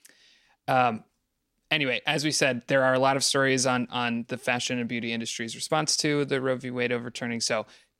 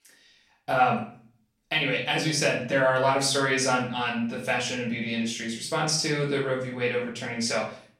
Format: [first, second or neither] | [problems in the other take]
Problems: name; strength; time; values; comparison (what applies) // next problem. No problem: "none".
first | off-mic speech; far // room echo; slight; dies away in 0.4 s